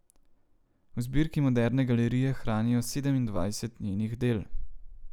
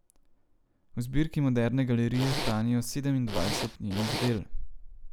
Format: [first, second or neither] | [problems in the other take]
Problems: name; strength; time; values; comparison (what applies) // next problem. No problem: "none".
first | background sound (Zipper (clothing)); 5 dB below the speech